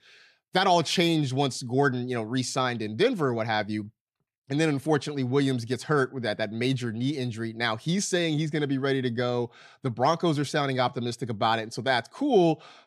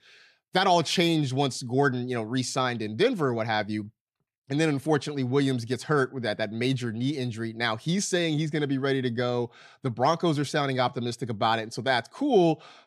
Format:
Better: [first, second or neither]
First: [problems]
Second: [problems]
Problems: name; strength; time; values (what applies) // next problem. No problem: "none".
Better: neither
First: none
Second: none